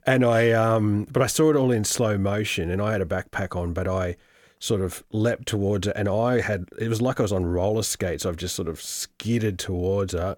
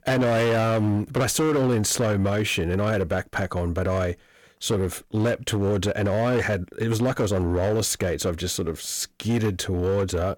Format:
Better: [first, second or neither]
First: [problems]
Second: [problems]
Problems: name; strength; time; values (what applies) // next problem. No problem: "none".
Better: first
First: none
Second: distortion; slight; 14% of the sound clipped